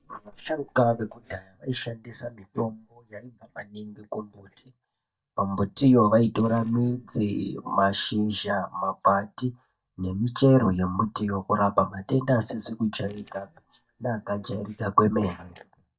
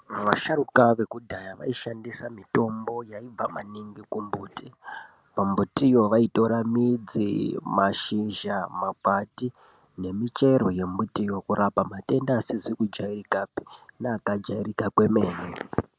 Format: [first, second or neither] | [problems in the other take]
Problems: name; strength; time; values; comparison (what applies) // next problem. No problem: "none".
second | noise reduction (neural mask model DeepFilterNet 3)